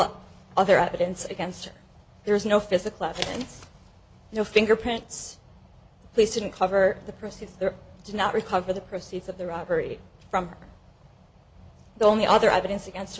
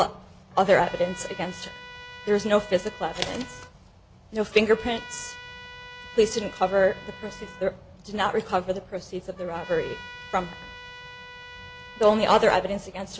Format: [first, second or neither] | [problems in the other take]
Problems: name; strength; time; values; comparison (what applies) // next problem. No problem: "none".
first | background sound (Trumpet); 17 dB below the speech